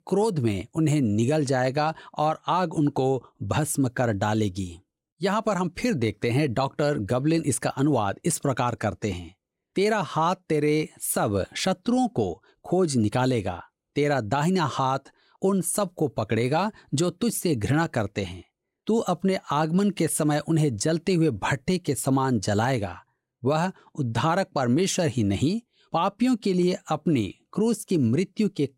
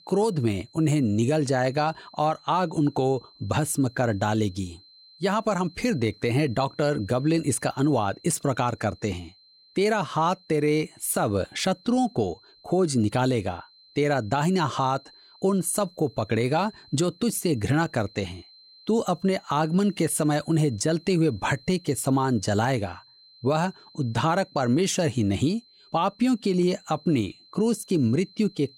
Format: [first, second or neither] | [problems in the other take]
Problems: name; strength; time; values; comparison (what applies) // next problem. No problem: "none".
first | high-pitched whine; faint; throughout; 4 kHz, 25 dB below the speech